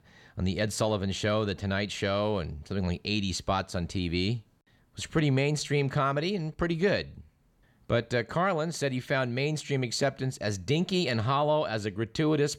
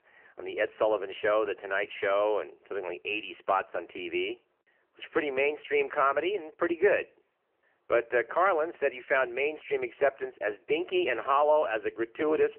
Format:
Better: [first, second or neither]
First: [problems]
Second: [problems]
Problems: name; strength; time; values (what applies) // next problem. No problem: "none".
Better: first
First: none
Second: phone-call audio; poor line; nothing above 3 kHz